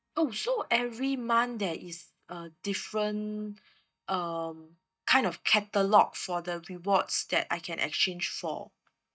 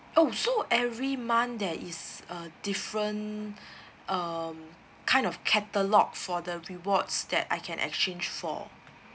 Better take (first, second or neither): second